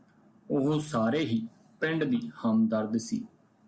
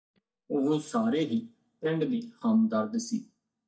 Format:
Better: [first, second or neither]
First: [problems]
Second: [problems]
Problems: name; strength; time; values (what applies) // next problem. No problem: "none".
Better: first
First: none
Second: noise reduction (neural mask model DeepFilterNet 3)